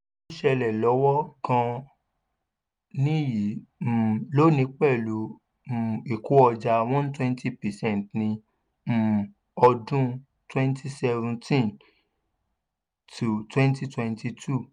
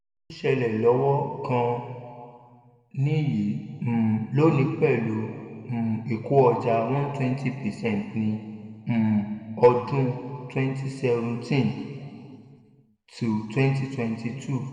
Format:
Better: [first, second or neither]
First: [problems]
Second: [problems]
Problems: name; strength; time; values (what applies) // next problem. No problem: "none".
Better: first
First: none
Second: room echo; dies away in 2.1 s